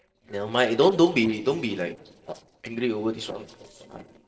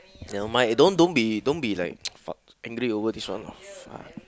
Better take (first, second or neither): second